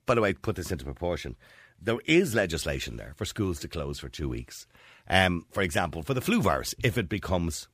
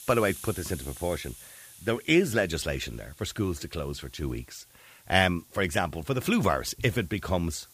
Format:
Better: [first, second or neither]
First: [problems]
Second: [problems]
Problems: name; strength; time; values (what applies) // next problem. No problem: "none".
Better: first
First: none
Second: hiss; noticeable; throughout; 20 dB below the speech